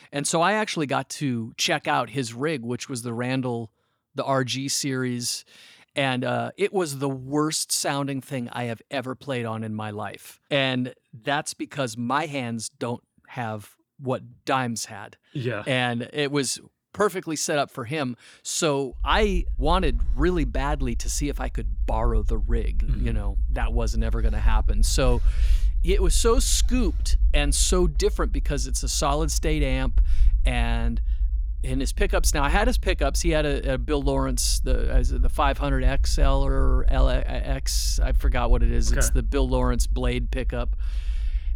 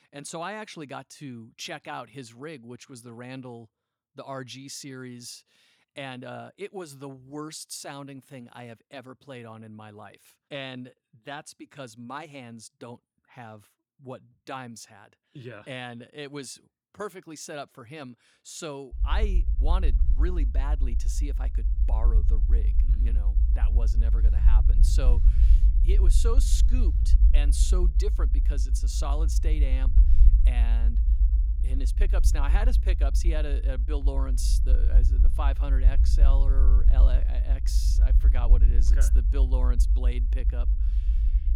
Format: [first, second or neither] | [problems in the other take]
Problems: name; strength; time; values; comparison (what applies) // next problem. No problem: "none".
first | low rumble; loud; from 19 s on; 8 dB below the speech; faint in the first